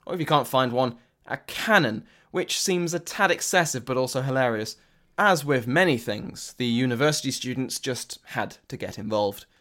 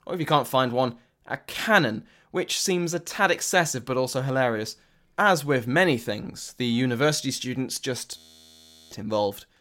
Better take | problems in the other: first | audio freezing; at 8 s for 0.5 s

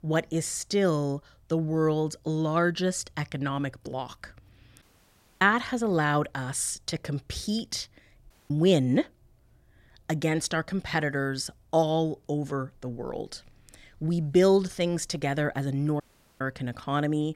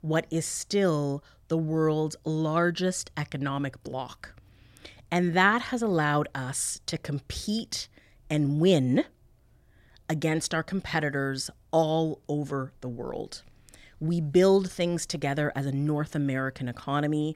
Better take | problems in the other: second | audio cutting out; at 5 s for 0.5 s, at 8.5 s and at 16 s

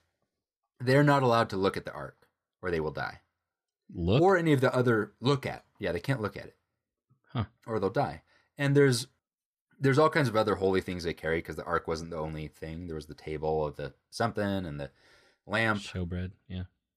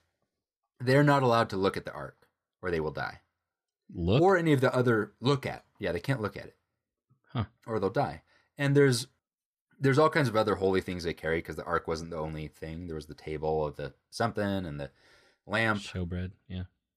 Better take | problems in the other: neither | none

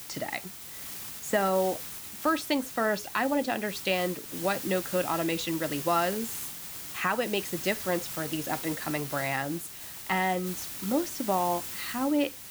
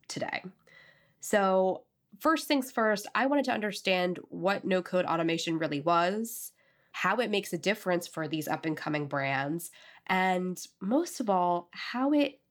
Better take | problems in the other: second | hiss; loud; throughout; 7 dB below the speech

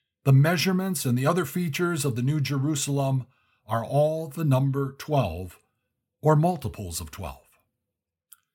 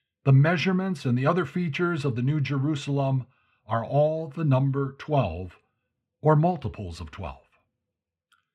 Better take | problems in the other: first | muffled; slightly; fading above 2.5 kHz

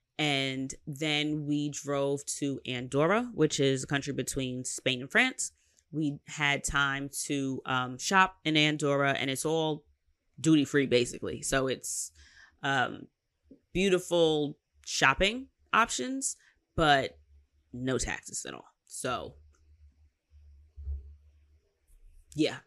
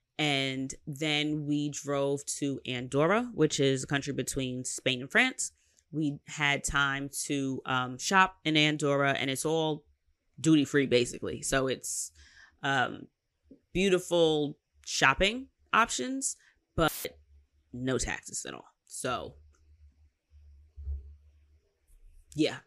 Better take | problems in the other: first | audio cutting out; filled with static; at 17 s

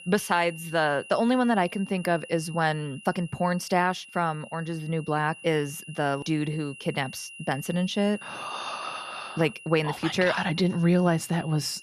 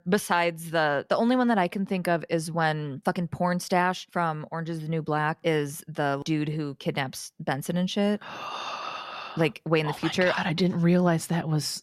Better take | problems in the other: second | high-pitched whine; noticeable; throughout; 3 kHz, 15 dB below the speech

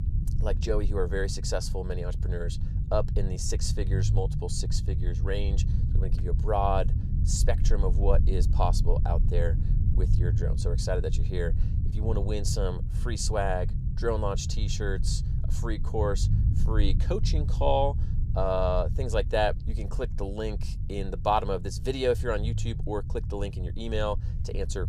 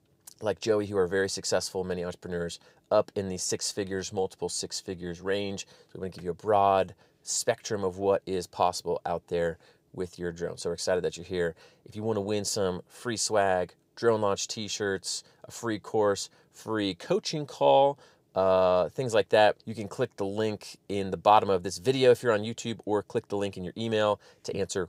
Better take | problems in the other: second | low rumble; noticeable; throughout; 15 dB below the speech

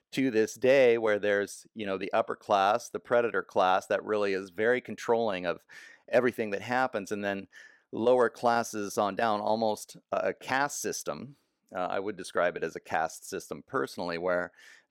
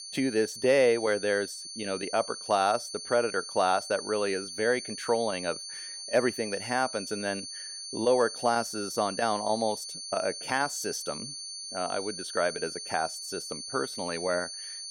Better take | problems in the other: first | high-pitched whine; loud; throughout; 4.5 kHz, 8 dB below the speech

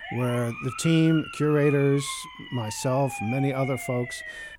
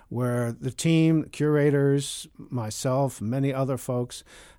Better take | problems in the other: second | siren; noticeable; peak 9 dB below the speech

